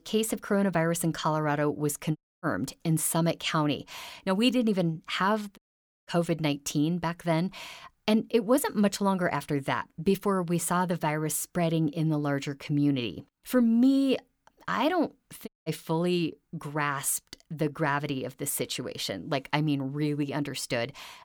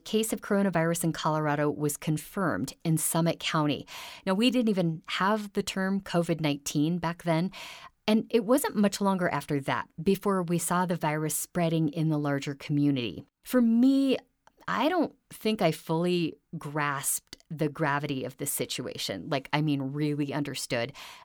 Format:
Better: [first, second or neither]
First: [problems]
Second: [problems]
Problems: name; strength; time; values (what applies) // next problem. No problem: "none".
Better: second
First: audio cutting out; at 2 s, at 5.5 s and at 15 s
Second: none